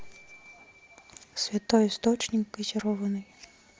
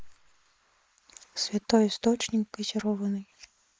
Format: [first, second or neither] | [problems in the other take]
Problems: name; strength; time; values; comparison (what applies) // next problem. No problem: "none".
first | noise reduction (neural mask model Resemble Enhance denoiser)